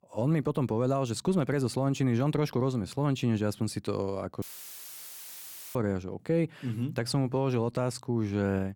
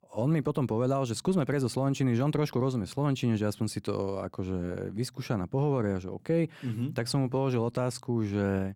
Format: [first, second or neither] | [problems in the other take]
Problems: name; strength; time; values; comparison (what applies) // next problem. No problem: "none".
second | audio cutting out; filled with static; at 4.5 s for 1.5 s